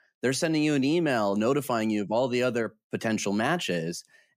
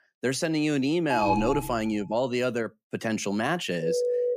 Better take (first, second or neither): first